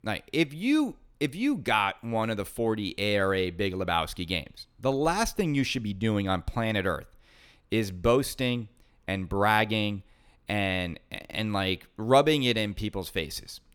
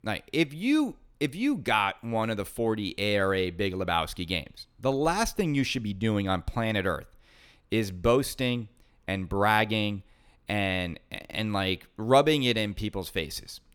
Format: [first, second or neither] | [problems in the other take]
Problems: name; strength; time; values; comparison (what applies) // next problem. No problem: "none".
neither | none